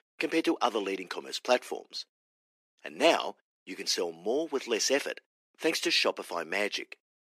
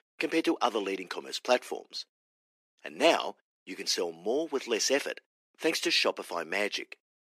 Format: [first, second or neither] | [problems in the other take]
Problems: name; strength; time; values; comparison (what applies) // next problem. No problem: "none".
neither | thin; somewhat; fading below 300 Hz; the same in both